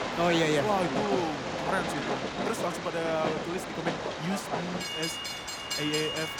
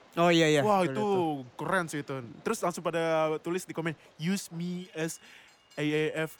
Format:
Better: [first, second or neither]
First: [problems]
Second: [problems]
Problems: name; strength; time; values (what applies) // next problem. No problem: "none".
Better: second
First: train or aircraft noise; loud; throughout; 1 dB below the speech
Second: train or aircraft noise; faint; throughout; 30 dB below the speech